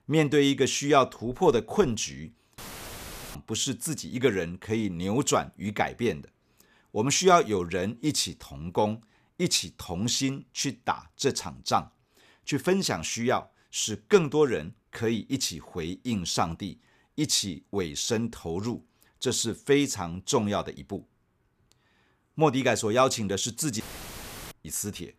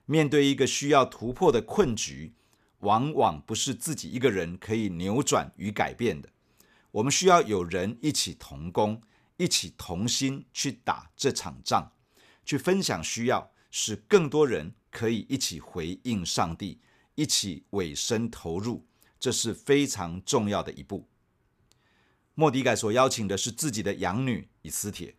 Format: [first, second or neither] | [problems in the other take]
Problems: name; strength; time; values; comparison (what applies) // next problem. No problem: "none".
second | audio cutting out; filled with static; at 2.5 s for 1 s and at 24 s for 0.5 s